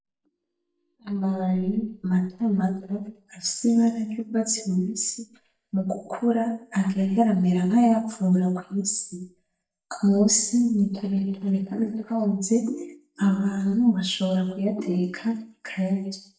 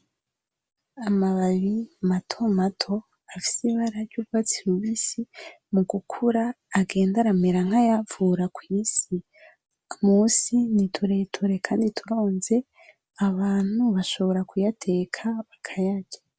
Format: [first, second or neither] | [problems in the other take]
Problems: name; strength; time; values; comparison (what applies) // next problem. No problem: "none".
second | noise reduction (neural mask model DeepFilterNet 3)